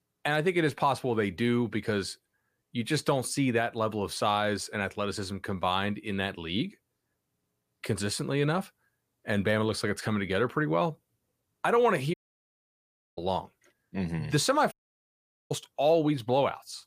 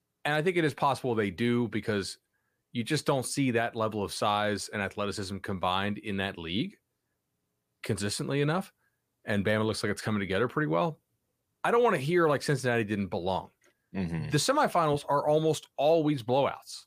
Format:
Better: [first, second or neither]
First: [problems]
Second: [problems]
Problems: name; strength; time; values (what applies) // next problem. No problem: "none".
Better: second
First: audio cutting out; at 12 s for 1 s and at 15 s for 1 s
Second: none